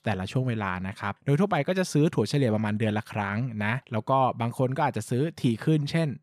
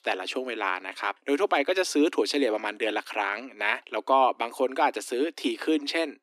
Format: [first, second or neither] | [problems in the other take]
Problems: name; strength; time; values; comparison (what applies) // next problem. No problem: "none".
first | thin; somewhat; fading below 300 Hz